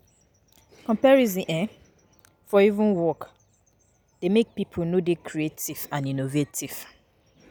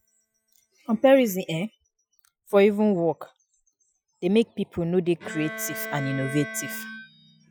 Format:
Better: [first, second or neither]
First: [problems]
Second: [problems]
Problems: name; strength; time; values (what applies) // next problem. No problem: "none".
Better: first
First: none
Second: noise reduction (classical method Wiener filter)